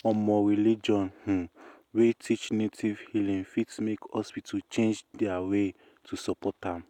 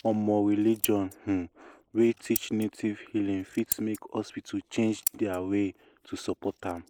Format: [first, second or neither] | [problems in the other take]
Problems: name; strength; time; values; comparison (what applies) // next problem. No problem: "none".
first | noise reduction (neural mask model Resemble Enhance denoiser)